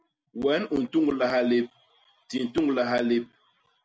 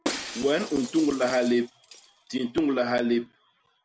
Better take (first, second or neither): first